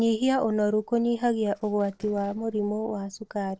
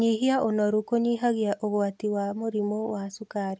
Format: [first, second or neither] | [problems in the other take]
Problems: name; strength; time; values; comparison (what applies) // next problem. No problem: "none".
second | noise reduction (neural separator model SepFormer DNS4)